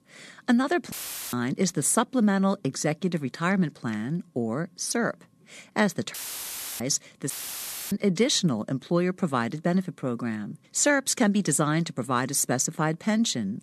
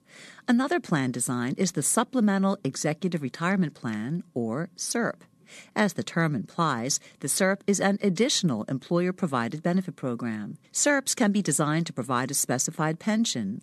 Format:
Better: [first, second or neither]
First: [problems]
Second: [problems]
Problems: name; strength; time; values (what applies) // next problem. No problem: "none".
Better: second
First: audio cutting out; filled with static; at 1 s, at 6 s for 0.5 s and at 7.5 s for 0.5 s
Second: none